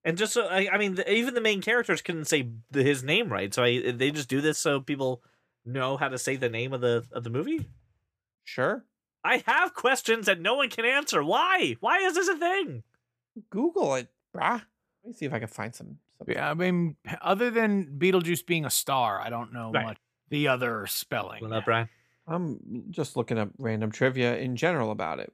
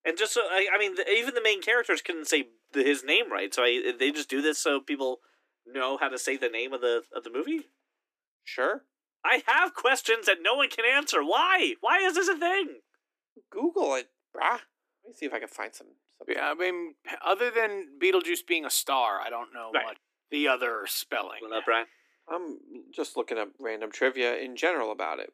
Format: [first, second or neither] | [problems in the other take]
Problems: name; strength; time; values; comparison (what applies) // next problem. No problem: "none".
first | thin; somewhat; fading below 300 Hz